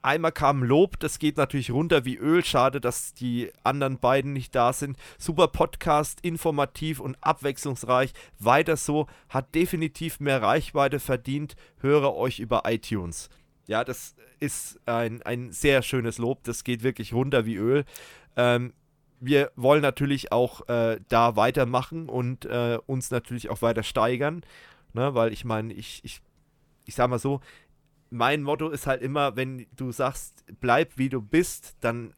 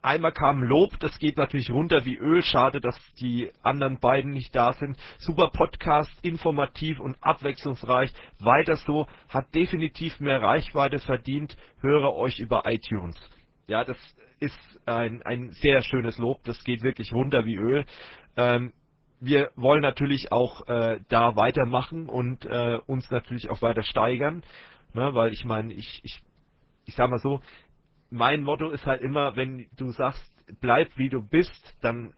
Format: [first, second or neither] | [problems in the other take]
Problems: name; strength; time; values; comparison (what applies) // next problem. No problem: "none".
first | garbled, watery; badly